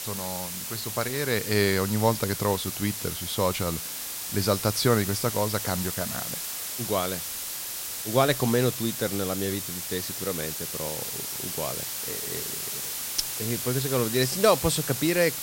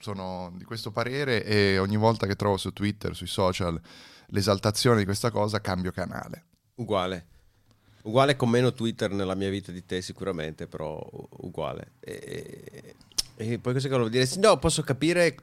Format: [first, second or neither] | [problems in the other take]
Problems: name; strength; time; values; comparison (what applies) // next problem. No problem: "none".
second | hiss; loud; throughout; 3 dB below the speech